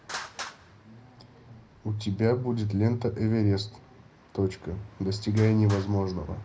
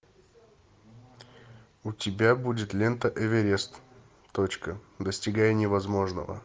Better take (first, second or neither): second